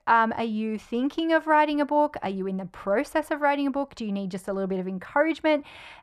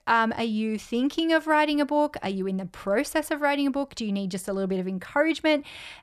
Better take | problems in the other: second | muffled; slightly; fading above 3 kHz

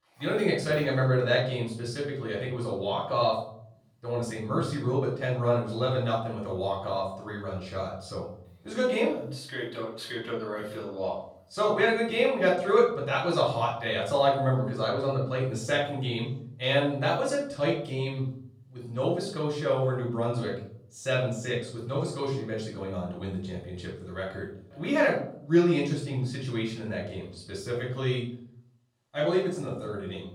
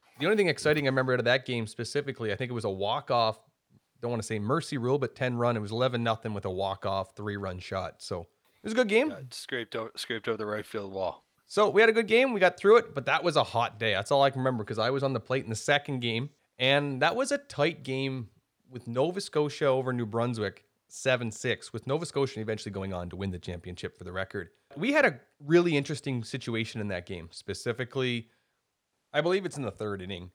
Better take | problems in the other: second | off-mic speech; far // room echo; noticeable; dies away in 0.6 s

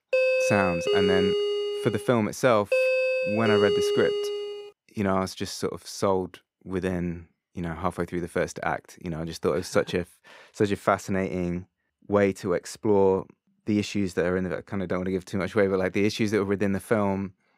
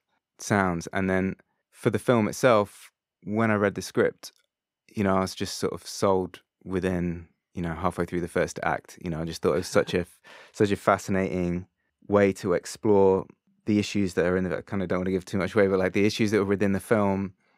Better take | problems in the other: second | doorbell; loud; until 4.5 s; peak 4 dB above the speech

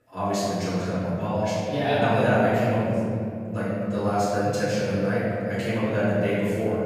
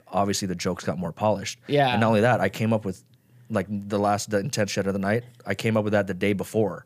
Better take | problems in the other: second | off-mic speech; far // room echo; strong; dies away in 2.7 s

